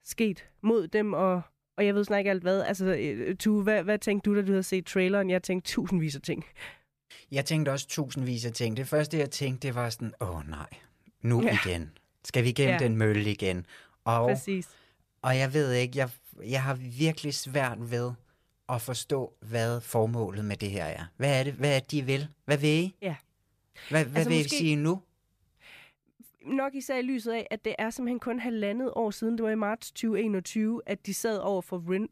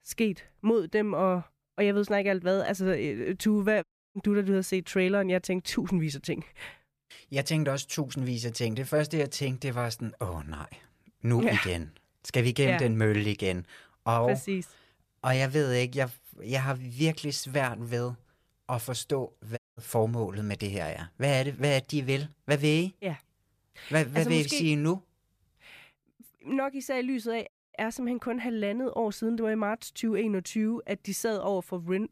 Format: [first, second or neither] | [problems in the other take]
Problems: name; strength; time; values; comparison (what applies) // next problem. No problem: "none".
first | audio cutting out; at 4 s, at 20 s and at 28 s